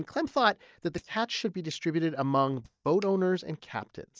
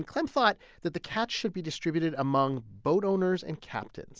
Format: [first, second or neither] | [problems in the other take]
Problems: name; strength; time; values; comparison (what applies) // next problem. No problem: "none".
second | noise reduction (neural mask model DeepFilterNet 3)